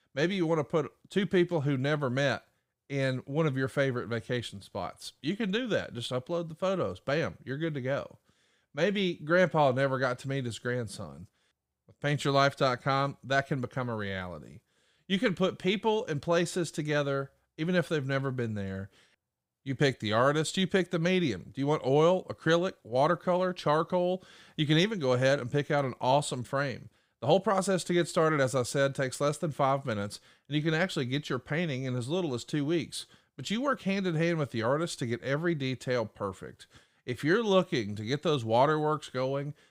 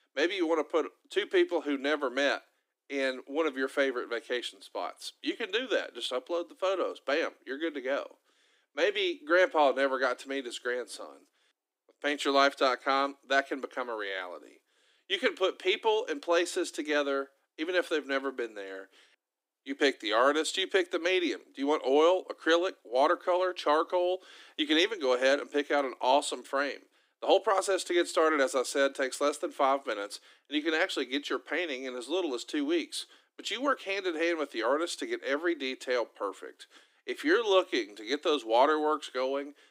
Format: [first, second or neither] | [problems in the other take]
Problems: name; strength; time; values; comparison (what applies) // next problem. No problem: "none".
first | thin; somewhat; fading below 300 Hz